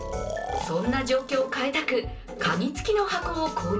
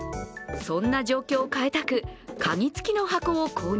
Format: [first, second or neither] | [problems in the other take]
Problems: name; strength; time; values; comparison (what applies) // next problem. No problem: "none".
second | background sound (Breathing); 12 dB below the speech // room echo; dies away in 0.3 s